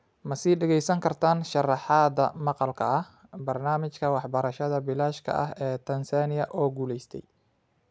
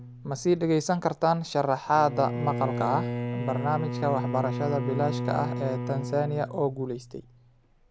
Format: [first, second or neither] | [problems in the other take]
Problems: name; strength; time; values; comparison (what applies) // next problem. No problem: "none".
first | background sound (Bowed string instrument); 5 dB below the speech